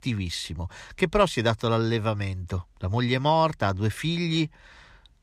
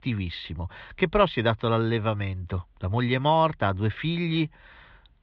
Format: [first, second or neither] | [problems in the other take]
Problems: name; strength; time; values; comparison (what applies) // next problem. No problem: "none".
first | muffled; slightly; fading above 3.5 kHz